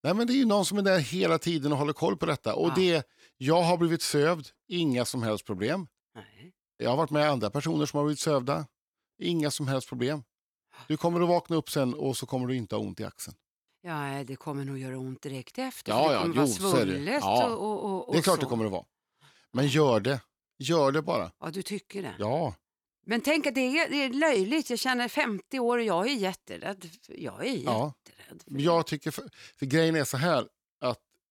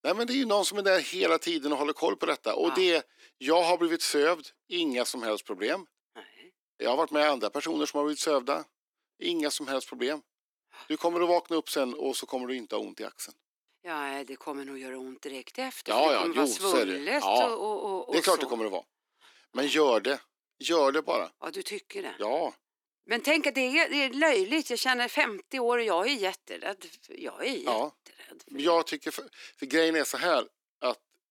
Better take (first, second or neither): first